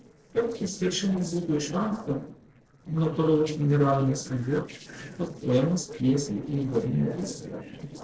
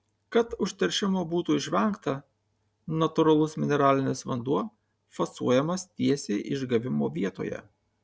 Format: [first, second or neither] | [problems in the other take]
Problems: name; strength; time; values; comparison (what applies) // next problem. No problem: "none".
second | noise reduction (neural separator model SepFormer DNS4)